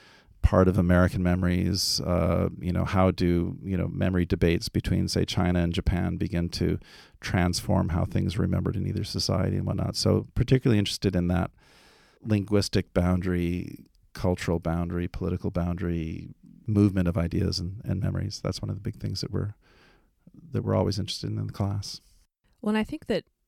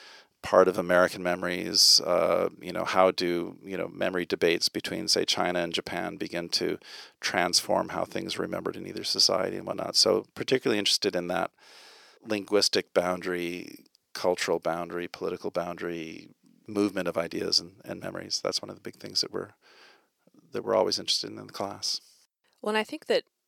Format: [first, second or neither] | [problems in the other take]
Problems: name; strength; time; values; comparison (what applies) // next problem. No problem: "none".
first | thin; very; fading below 500 Hz